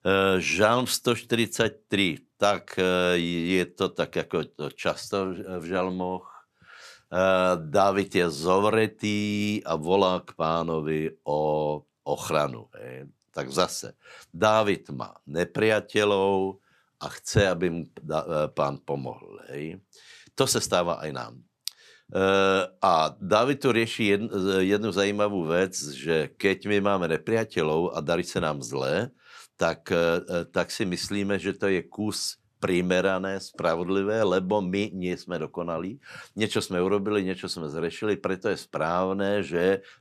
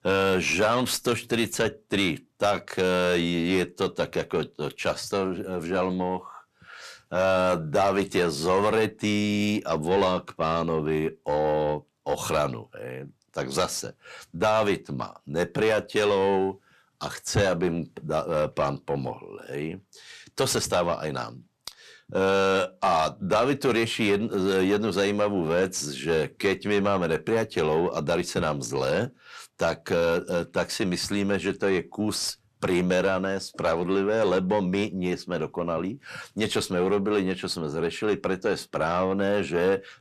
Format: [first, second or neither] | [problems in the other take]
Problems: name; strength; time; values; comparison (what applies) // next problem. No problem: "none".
first | distortion; slight; 10 dB below the speech